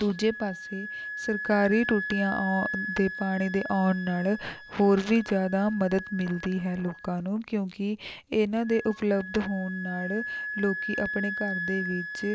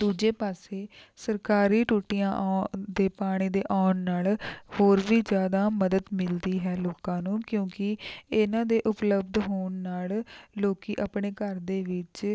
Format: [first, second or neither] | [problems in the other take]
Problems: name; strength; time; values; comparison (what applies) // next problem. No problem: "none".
second | background sound (Wind instrument, woodwind instrument); 9 dB below the speech